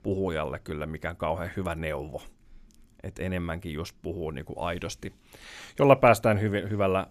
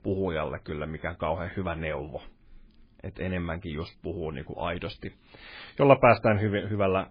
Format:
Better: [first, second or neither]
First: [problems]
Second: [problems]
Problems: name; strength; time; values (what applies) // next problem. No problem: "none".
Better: first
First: none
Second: garbled, watery; badly; nothing above 4.5 kHz